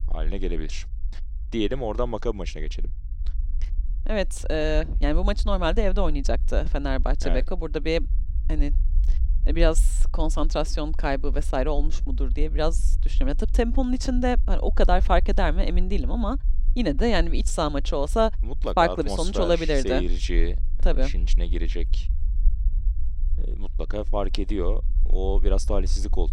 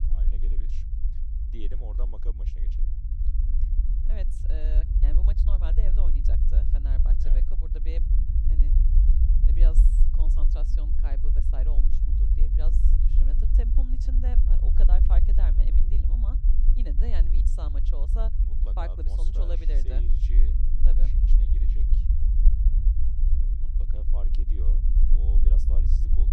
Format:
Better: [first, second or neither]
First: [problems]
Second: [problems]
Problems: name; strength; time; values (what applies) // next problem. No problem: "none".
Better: first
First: low rumble; faint; throughout; 25 dB below the speech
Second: low rumble; loud; throughout; 1 dB below the speech